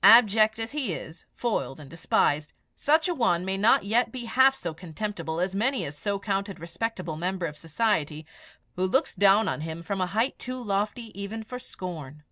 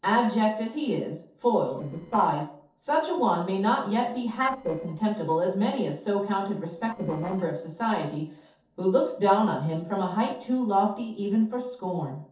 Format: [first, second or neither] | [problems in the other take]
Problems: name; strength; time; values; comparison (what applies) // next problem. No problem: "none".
first | noise reduction (neural separator model SepFormer DNS4)